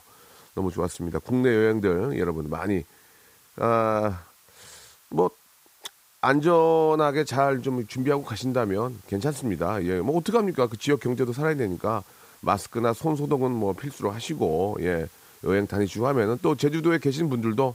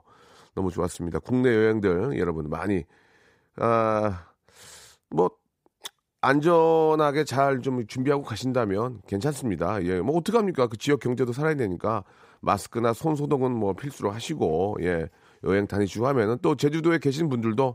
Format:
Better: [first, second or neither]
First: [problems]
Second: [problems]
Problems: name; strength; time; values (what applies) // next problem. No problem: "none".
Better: second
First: hiss; faint; throughout; 25 dB below the speech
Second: none